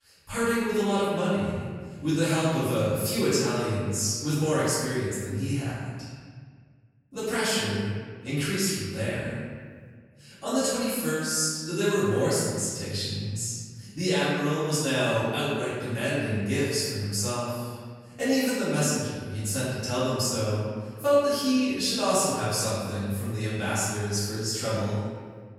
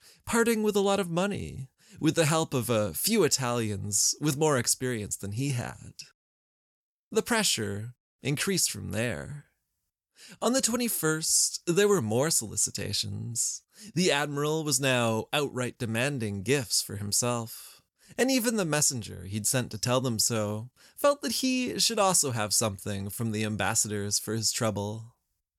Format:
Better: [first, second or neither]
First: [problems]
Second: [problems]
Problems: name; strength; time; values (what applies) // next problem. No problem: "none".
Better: second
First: off-mic speech; far // room echo; strong; dies away in 1.6 s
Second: none